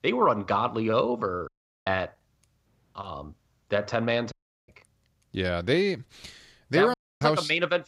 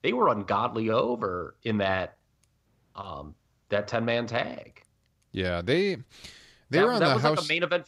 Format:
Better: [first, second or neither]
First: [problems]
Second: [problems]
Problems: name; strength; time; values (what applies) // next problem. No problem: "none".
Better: second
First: audio cutting out; at 1.5 s, at 4.5 s and at 7 s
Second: none